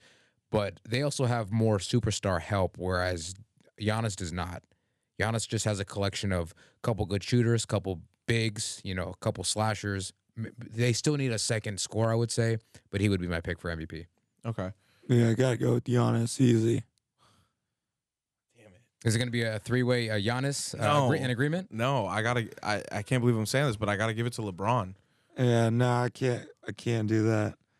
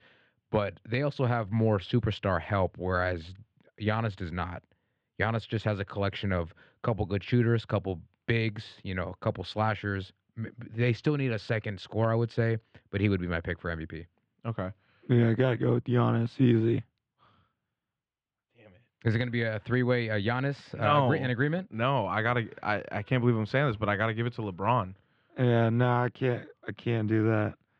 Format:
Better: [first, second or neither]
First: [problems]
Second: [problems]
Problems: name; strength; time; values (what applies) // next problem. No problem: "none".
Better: first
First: none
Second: muffled; very; fading above 3 kHz